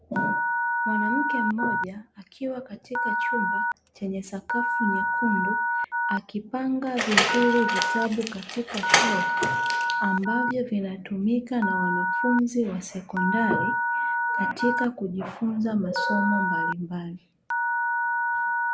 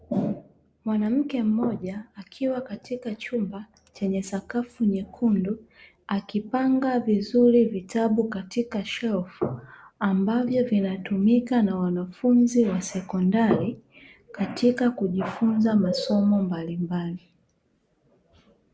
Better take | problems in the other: second | background sound (Door + Telephone); 2 dB above the speech

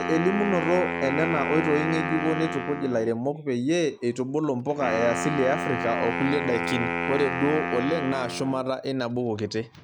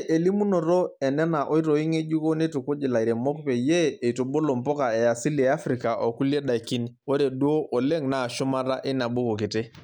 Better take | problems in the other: second | background sound (Wind instrument, woodwind instrument); 4 dB below the speech

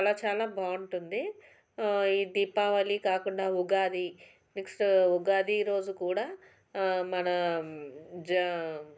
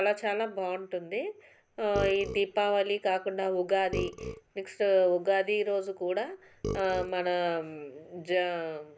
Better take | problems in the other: first | background sound (Burping, eructation); 11 dB below the speech

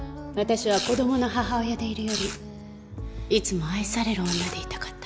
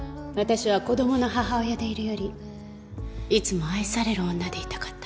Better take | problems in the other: second | background sound (Domestic sounds, home sounds); 9 dB below the speech

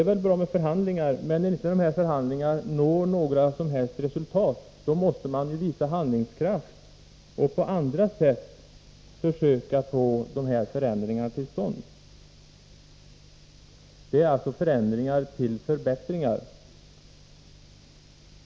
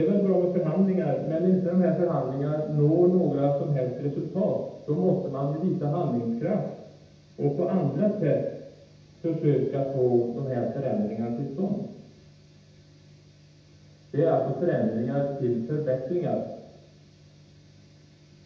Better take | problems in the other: first | room echo; dies away in 0.9 s

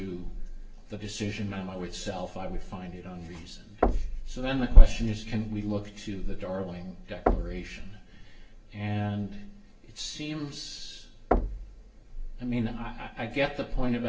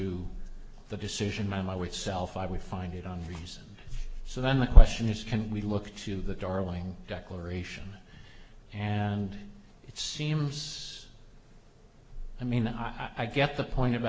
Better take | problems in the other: second | background sound (Knock); 7 dB below the speech // room echo; dies away in 0.2 s

